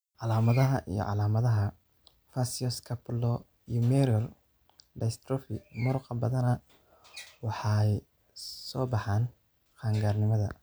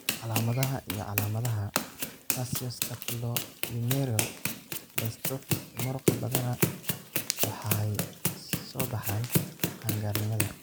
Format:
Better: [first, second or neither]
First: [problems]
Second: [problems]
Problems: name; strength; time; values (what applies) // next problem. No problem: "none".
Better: first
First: none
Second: background sound (Run); 1 dB above the speech